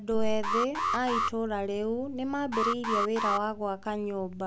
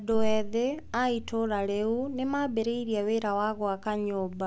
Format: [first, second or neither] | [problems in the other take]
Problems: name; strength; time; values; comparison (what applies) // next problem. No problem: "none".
second | background sound (Alarm); 3 dB below the speech